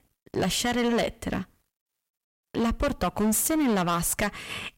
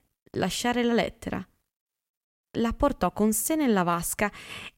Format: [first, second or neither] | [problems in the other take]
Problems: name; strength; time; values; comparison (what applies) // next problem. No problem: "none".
second | distortion; heavy; 11% of the sound clipped